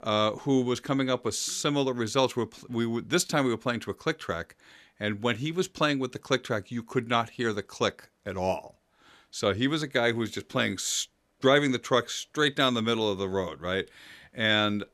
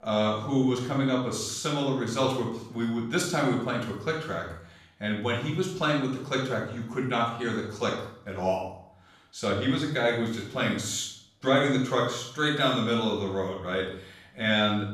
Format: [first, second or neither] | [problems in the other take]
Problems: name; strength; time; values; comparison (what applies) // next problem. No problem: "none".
first | off-mic speech; far // room echo; noticeable; dies away in 0.6 s